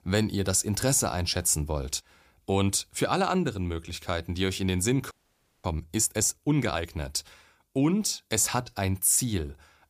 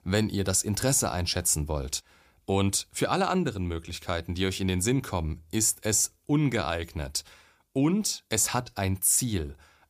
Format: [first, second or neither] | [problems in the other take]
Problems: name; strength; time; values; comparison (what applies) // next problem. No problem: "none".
second | audio freezing; at 5 s for 0.5 s